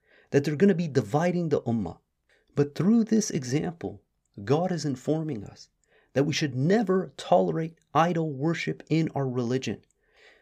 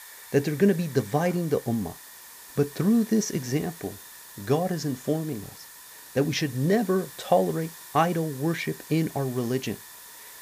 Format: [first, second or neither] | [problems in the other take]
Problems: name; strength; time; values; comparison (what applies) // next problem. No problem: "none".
first | hiss; noticeable; throughout; 15 dB below the speech